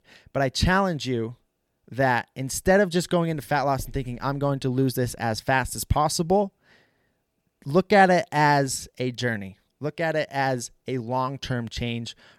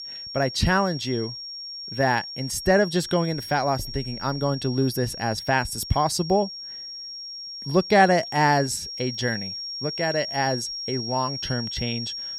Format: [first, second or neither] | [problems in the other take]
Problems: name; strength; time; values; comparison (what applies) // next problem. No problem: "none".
first | high-pitched whine; loud; throughout; 5.5 kHz, 8 dB below the speech